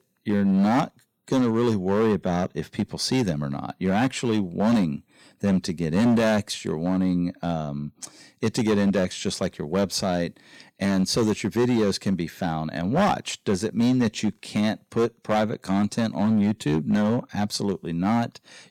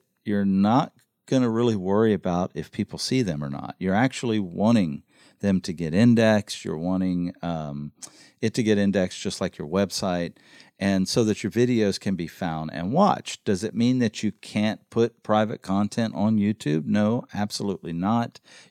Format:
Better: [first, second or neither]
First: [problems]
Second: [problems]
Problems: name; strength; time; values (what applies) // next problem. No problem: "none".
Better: second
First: distortion; slight; 8% of the sound clipped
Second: none